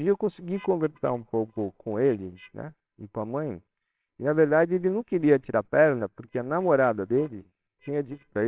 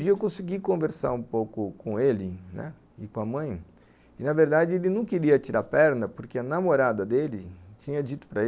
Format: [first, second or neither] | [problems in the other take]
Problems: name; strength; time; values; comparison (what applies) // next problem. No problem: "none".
second | noise reduction (neural separator model SepFormer WHAMR!)